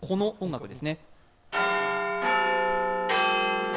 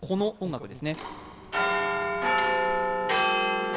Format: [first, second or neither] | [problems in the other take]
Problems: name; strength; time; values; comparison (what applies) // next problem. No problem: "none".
first | background sound (Mechanisms); 17 dB below the speech